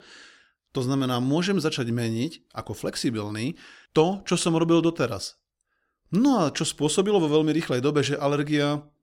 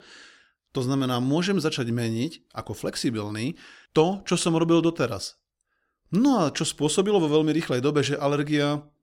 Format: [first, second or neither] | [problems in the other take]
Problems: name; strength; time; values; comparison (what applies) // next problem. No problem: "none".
neither | none